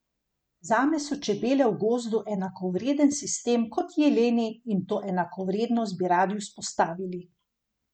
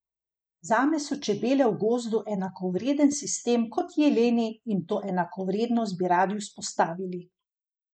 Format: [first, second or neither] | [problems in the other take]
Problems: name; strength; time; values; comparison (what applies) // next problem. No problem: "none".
first | noise reduction (neural mask model Resemble Enhance denoiser)